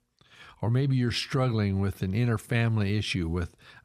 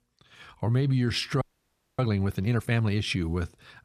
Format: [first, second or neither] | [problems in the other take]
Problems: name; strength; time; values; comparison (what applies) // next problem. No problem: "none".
first | audio freezing; at 1.5 s for 0.5 s